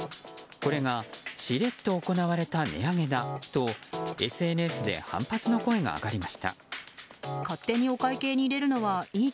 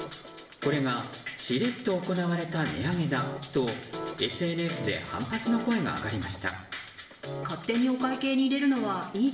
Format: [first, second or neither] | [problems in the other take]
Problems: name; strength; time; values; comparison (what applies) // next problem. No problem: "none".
first | room echo; dies away in 1.1 s